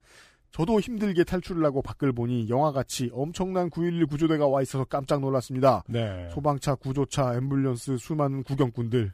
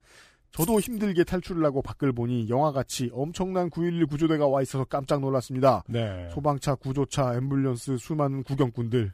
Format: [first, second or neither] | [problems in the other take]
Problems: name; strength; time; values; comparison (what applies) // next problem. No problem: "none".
first | jangling keys; noticeable; at 0.5 s; peak 6 dB below the speech